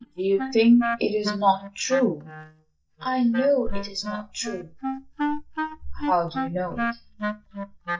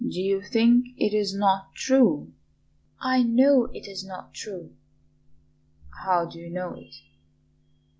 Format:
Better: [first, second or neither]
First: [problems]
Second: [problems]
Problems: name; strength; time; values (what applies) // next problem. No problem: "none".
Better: second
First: noise reduction (neural mask model DeepFilterNet 3)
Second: none